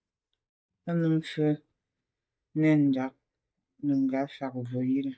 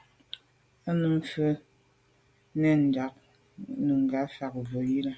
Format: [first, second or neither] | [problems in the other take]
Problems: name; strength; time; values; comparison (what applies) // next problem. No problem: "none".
second | noise reduction (neural mask model DeepFilterNet 3)